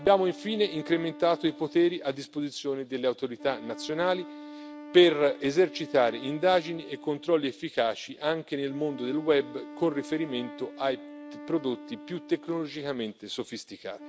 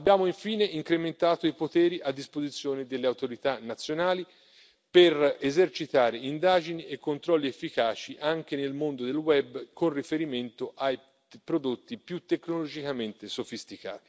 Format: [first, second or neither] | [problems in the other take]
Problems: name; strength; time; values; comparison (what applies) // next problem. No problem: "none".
second | background sound (Wind instrument, woodwind instrument); 16 dB below the speech